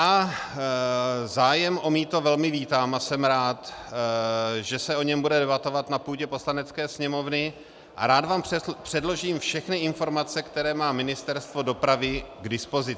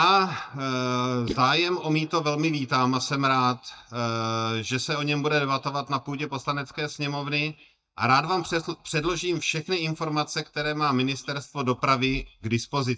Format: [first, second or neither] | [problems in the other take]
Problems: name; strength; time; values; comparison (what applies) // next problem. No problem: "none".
first | noise reduction (neural mask model DeepFilterNet 3)